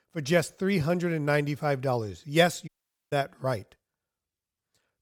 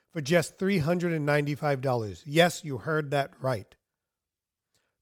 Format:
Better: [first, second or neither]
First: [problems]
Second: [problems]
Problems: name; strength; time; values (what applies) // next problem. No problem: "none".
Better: second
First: audio cutting out; at 2.5 s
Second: none